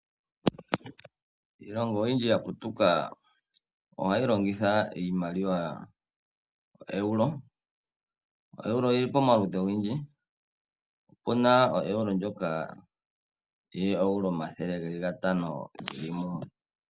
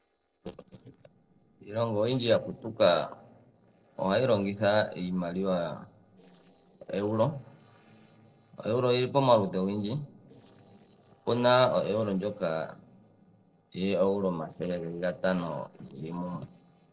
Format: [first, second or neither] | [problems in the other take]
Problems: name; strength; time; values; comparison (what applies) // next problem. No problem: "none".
first | noise reduction (neural separator model SepFormer DNS4)